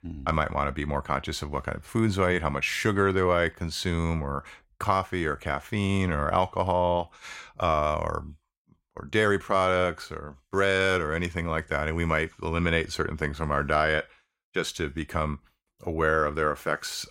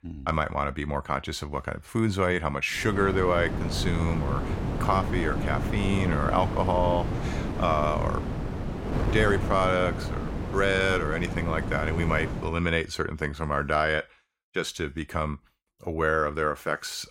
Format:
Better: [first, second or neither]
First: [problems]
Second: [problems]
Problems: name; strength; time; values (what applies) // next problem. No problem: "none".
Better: first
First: none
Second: wind noise on the microphone; heavy; from 3 to 12 s; 9 dB below the speech